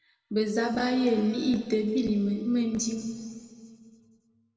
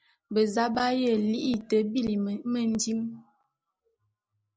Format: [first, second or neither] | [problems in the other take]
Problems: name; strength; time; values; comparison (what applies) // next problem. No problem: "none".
second | room echo; dies away in 2.1 s